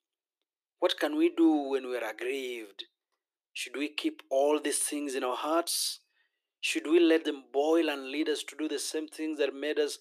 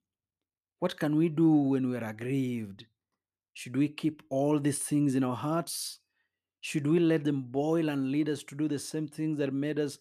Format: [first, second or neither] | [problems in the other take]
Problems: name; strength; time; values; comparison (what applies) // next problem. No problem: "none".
second | thin; very; fading below 350 Hz